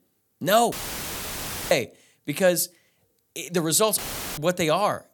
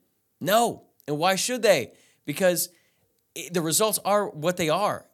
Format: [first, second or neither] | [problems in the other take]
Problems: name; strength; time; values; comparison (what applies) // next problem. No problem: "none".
second | audio cutting out; filled with static; at 0.5 s for 1 s and at 4 s